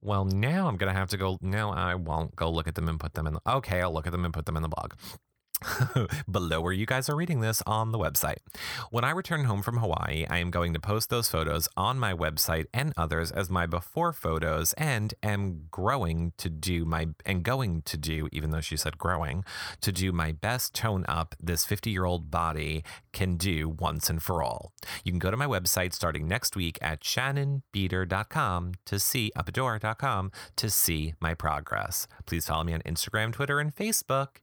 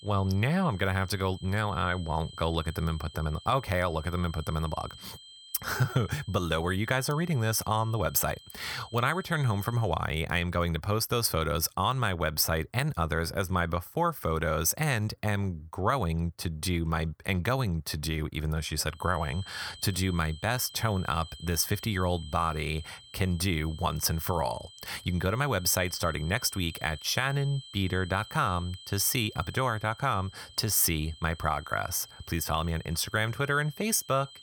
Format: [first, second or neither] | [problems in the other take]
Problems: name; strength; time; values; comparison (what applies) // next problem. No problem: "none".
first | high-pitched whine; noticeable; until 10 s and from 19 s on; 3 kHz, 20 dB below the speech